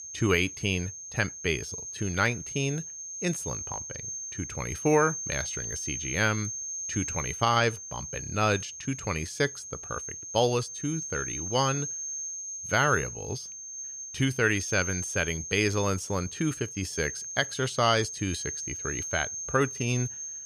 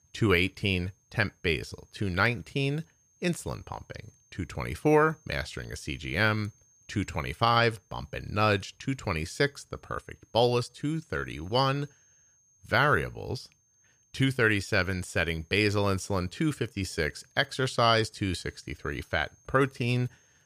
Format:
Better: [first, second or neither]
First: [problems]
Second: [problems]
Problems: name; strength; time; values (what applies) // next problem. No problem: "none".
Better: second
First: high-pitched whine; loud; throughout; 6.5 kHz, 6 dB below the speech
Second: high-pitched whine; faint; throughout; 6.5 kHz, 35 dB below the speech